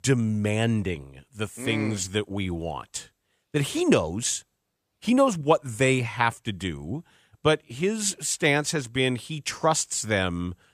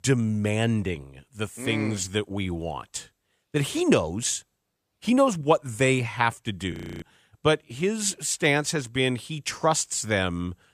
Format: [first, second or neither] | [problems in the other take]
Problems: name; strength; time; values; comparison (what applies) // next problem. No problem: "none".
first | audio freezing; at 6.5 s